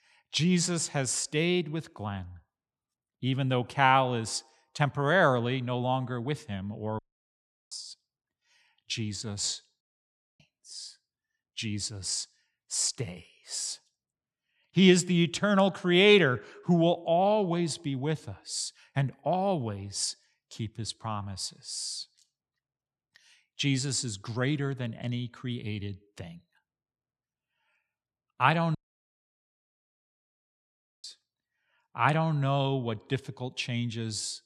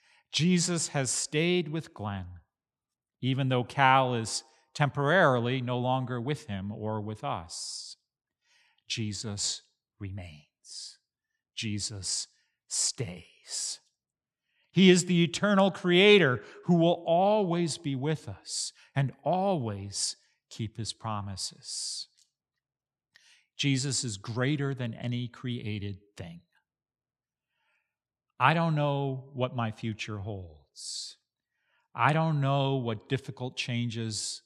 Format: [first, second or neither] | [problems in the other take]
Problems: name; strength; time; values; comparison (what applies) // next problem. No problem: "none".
second | audio cutting out; at 7 s for 0.5 s, at 10 s for 0.5 s and at 29 s for 2.5 s